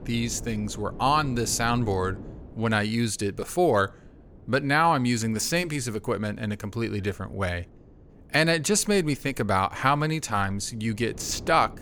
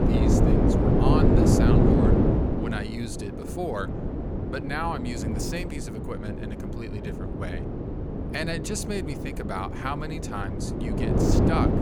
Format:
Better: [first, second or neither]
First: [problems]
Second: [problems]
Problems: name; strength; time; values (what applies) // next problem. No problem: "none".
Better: first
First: wind noise on the microphone; occasional gusts; 25 dB below the speech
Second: wind noise on the microphone; heavy; 3 dB above the speech